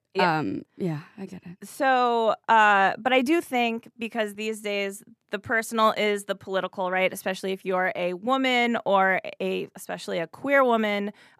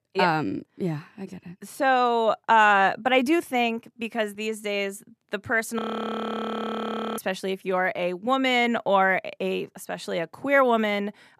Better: first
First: none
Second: audio freezing; at 6 s for 1.5 s

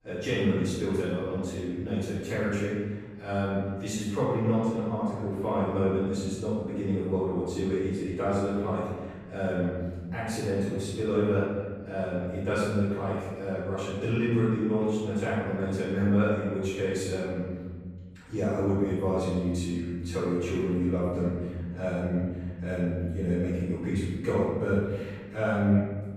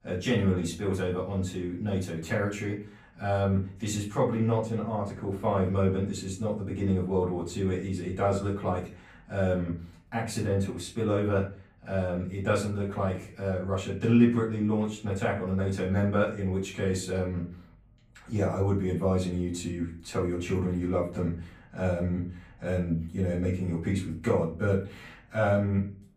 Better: second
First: room echo; strong; dies away in 1.5 s // off-mic speech; far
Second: room echo; slight; dies away in 0.3 s // off-mic speech; far

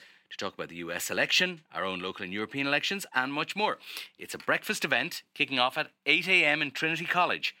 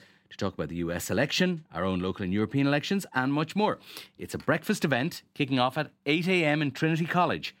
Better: second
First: thin; somewhat; fading below 800 Hz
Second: none

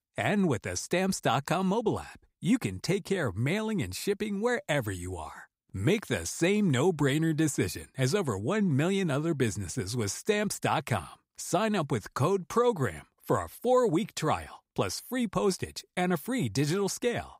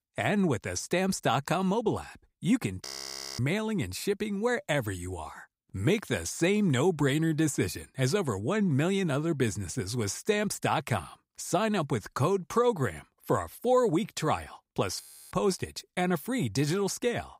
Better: first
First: none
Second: audio freezing; at 3 s for 0.5 s and at 15 s

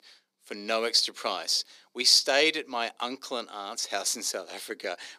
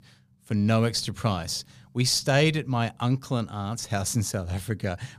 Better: second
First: thin; very; fading below 300 Hz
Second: none

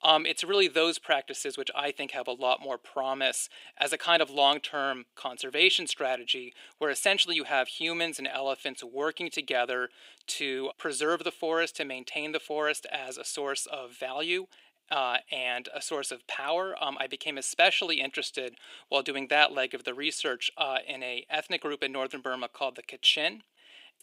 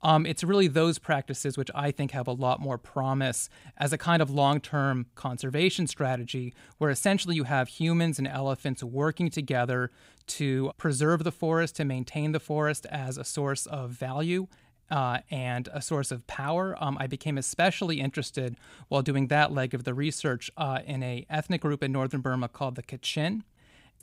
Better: second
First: thin; very; fading below 350 Hz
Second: none

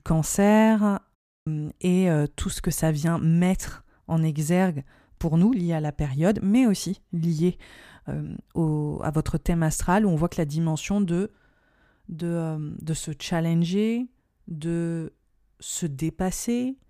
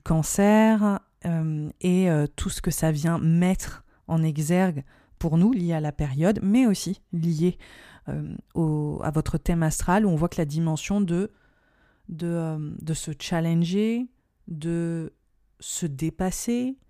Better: second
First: audio cutting out; at 1 s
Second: none

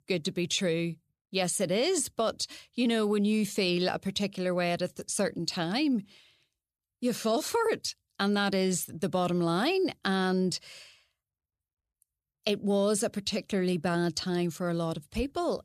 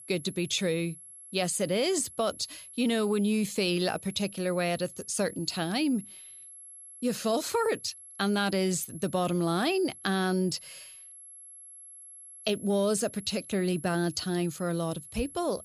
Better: first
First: none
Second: high-pitched whine; noticeable; throughout; 11 kHz, 15 dB below the speech

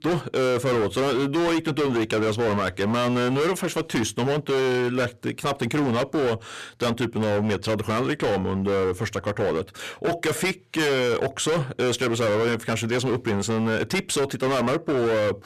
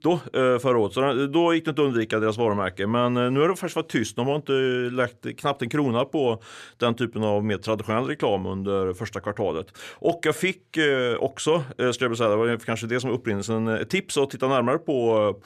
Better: second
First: distortion; heavy; 29% of the sound clipped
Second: none

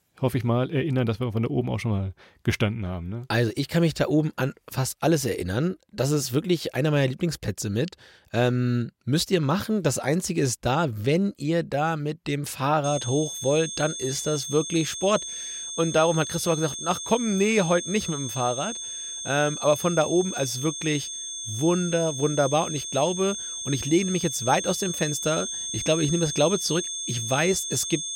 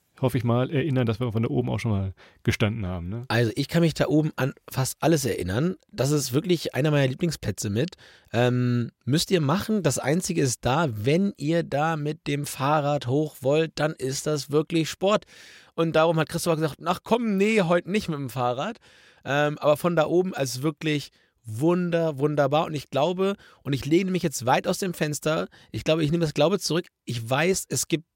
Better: second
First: high-pitched whine; loud; from 13 s on; 6.5 kHz, 5 dB below the speech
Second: none

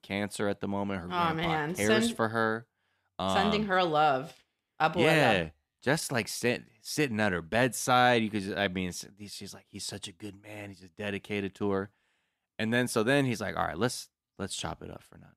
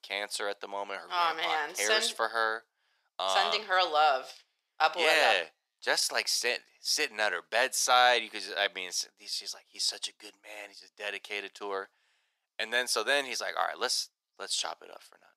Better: first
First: none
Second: thin; very; fading below 550 Hz

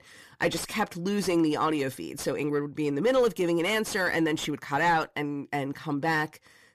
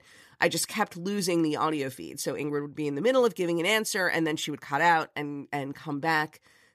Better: second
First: distortion; slight; 10 dB below the speech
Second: none

